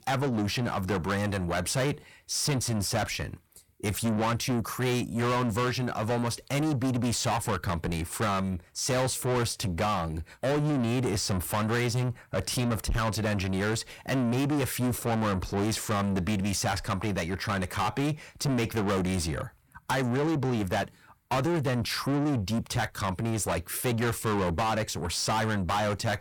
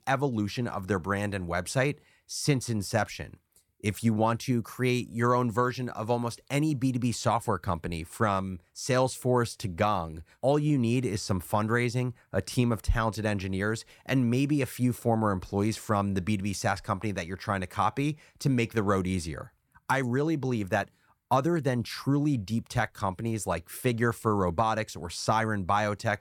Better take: second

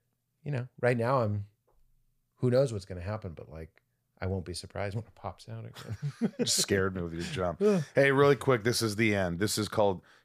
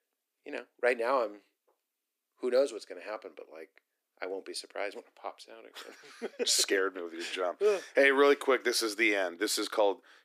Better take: first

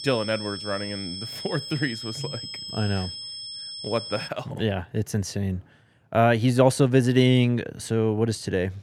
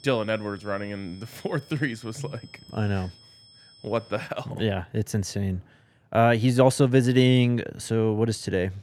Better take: second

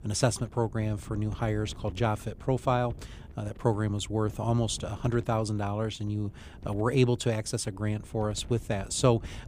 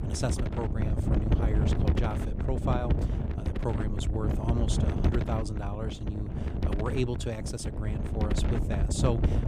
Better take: first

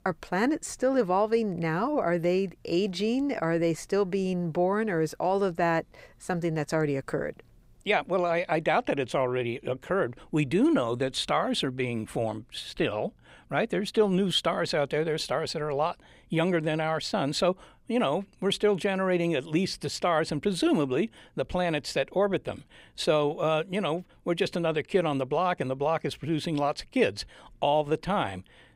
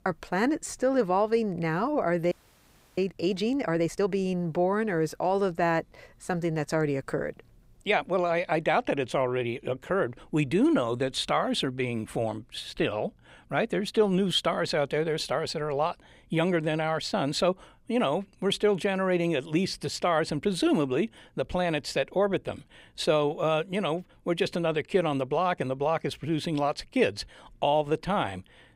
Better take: first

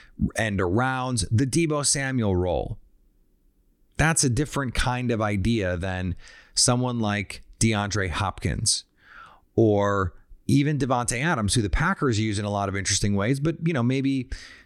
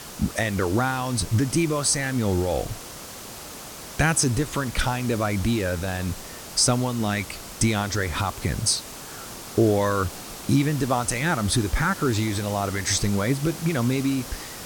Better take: first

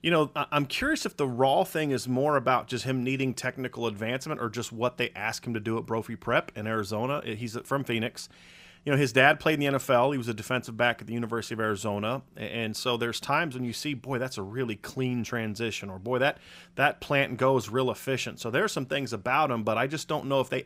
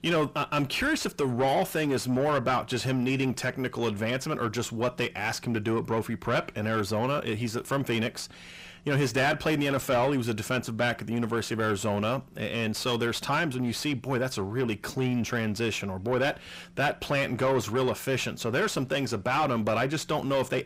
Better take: first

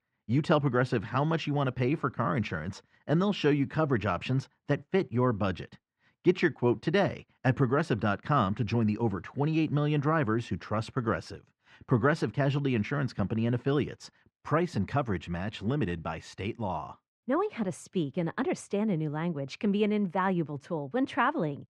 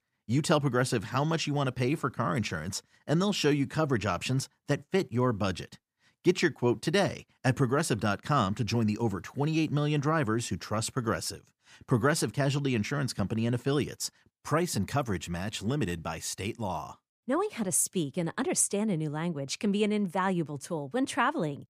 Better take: second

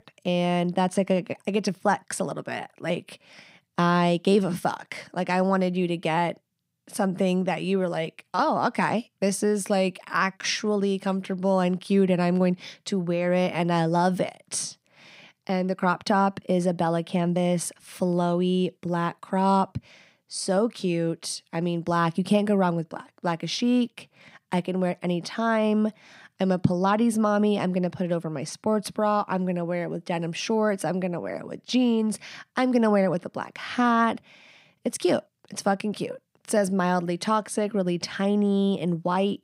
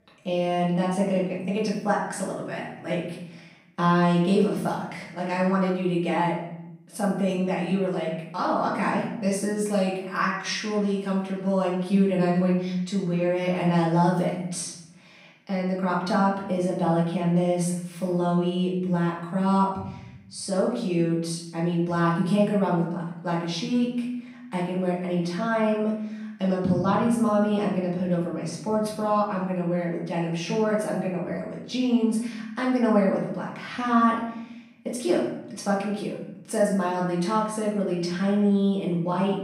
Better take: first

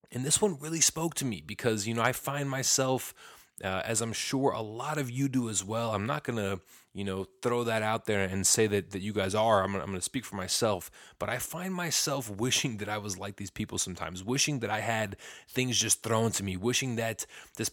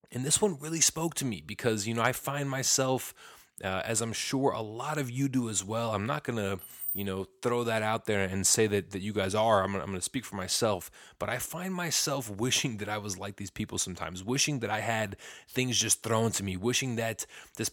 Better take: first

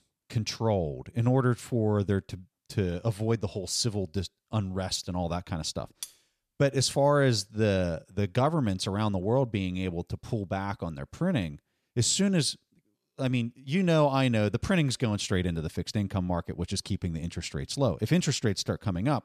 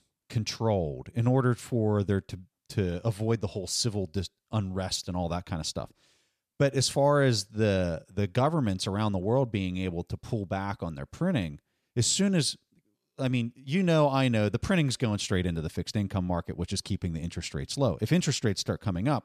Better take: second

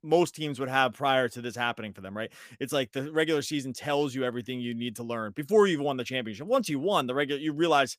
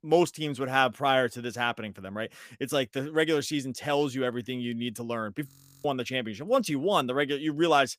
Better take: first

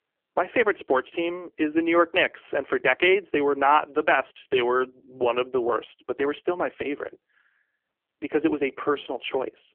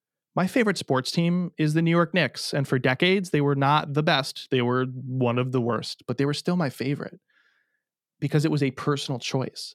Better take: second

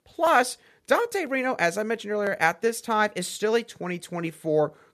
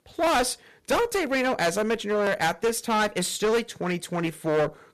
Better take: first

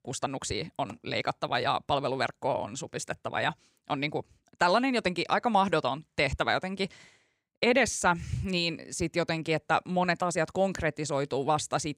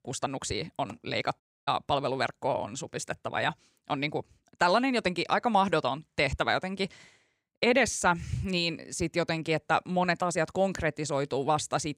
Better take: first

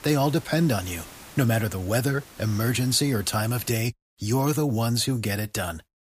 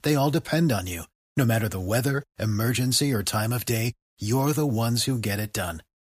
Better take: second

